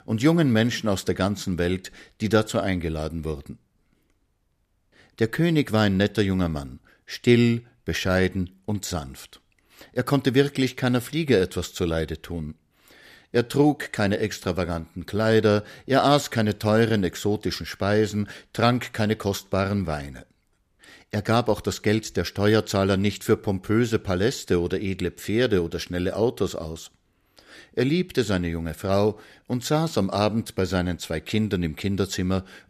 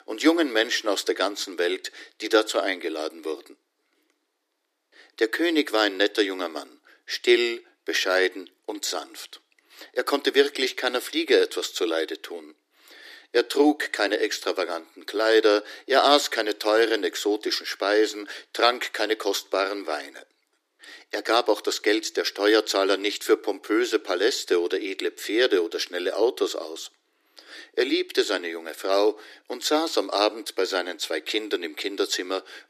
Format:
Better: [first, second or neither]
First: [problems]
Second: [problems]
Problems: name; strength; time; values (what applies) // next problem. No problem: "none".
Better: first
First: none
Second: thin; very; fading below 300 Hz